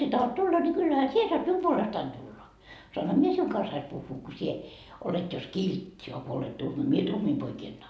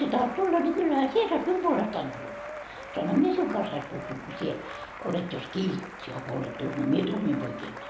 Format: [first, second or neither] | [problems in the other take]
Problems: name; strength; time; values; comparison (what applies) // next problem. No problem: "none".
first | background sound (Chicken, rooster + Applause); 12 dB below the speech